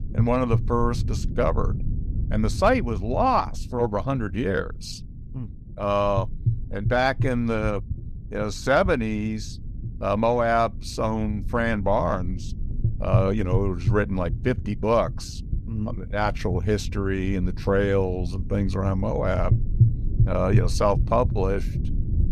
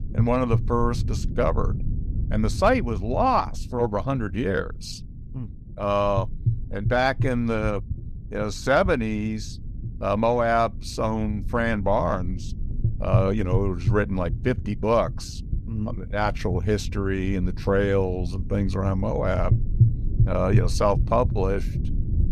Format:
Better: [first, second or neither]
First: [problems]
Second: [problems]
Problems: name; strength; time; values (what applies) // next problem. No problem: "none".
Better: neither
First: low rumble; noticeable; throughout; 20 dB below the speech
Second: low rumble; noticeable; throughout; 20 dB below the speech